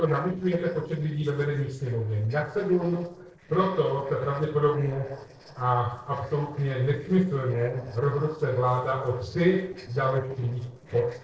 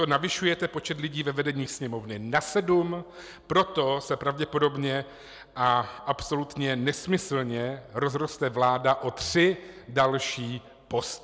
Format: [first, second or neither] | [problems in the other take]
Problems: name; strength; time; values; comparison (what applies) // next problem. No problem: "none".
second | noise reduction (neural separator model SepFormer DNS4)